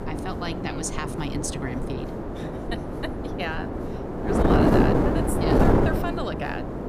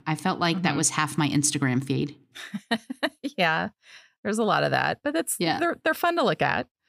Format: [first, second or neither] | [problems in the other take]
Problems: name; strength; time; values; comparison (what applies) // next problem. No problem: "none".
second | wind noise on the microphone; heavy; 5 dB above the speech